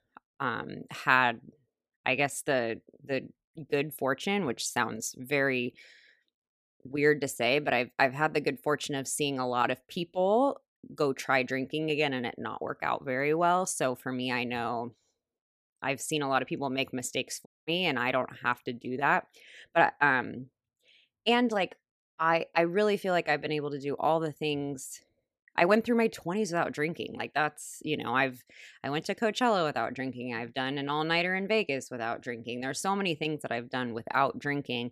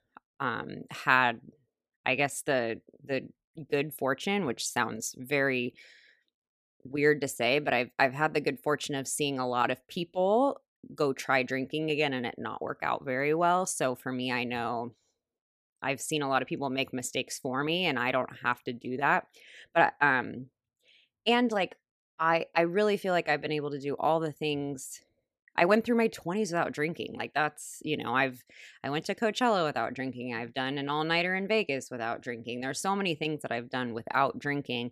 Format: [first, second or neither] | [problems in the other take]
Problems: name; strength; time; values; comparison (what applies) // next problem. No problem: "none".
second | audio cutting out; at 17 s